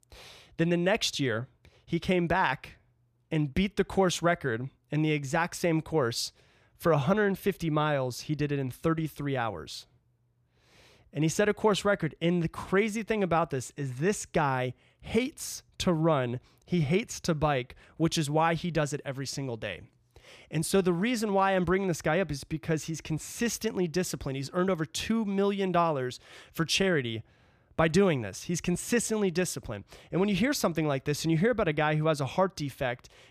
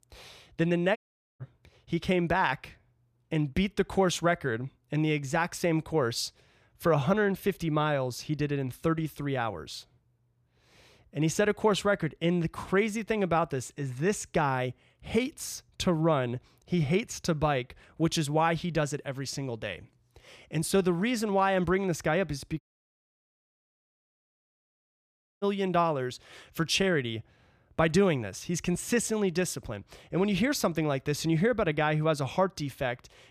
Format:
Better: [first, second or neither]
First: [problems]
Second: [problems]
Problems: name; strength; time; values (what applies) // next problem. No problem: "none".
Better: first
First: none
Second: audio cutting out; at 1 s and at 23 s for 3 s